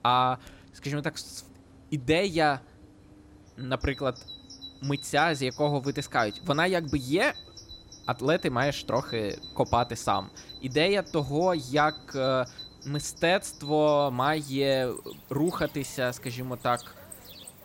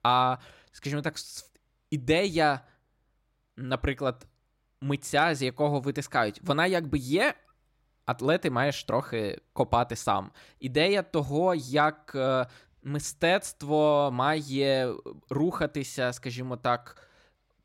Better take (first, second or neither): second